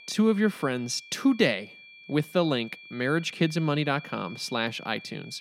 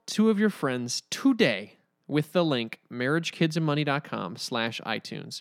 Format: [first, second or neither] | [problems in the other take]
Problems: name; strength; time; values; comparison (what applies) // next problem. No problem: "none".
second | high-pitched whine; noticeable; throughout; 2.5 kHz, 20 dB below the speech